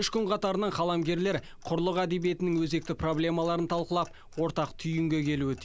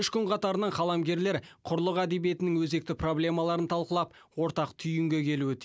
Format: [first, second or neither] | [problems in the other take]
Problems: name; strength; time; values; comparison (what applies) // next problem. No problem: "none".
second | background sound (Clock); 18 dB below the speech